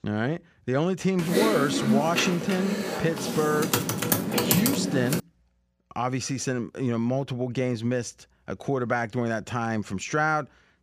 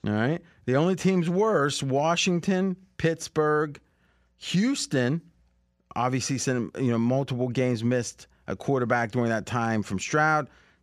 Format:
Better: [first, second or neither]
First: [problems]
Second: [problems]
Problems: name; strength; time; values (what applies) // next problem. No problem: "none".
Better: second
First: keyboard typing; loud; from 1 to 5 s; peak 5 dB above the speech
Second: none